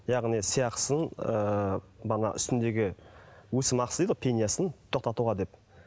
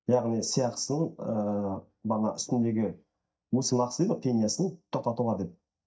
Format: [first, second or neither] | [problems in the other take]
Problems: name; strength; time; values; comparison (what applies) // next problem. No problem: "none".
first | noise reduction (neural mask model DeepFilterNet 3)